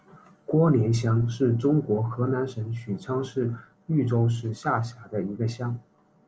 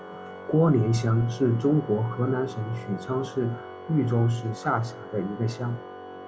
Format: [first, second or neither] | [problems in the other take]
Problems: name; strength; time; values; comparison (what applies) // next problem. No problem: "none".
first | background sound (Organ); 14 dB below the speech